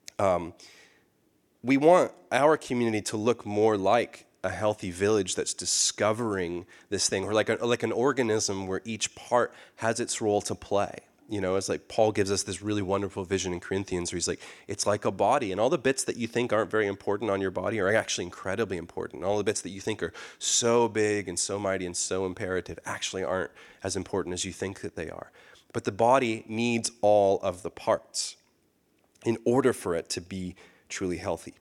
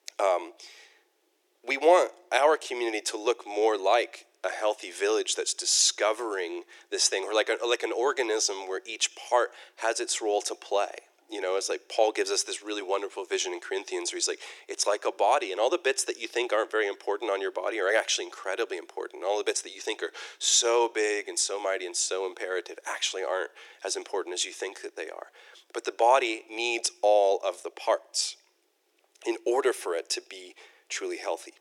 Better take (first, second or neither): first